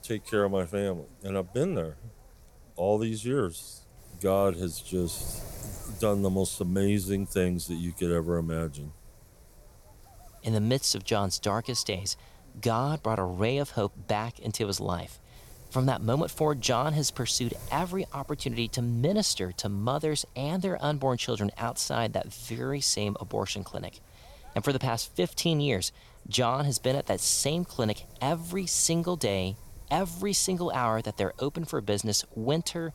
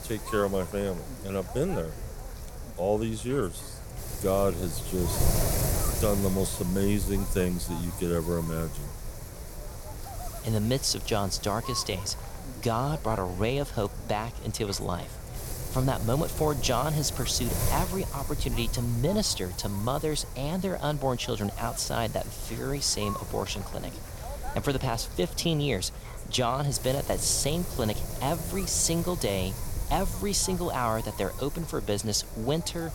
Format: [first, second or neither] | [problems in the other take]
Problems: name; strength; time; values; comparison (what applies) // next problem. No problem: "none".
first | wind noise on the microphone; heavy; 10 dB below the speech; occasional gusts in the first